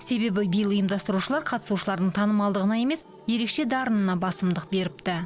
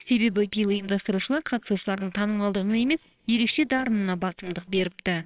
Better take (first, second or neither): first